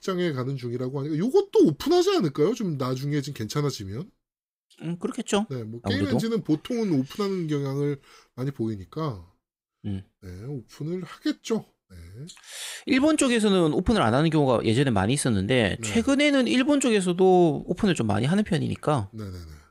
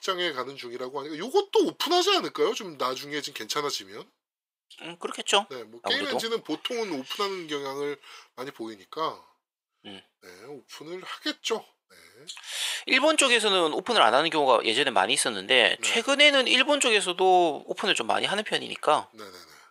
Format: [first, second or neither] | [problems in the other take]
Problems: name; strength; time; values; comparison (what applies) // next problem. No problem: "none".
first | thin; very; fading below 650 Hz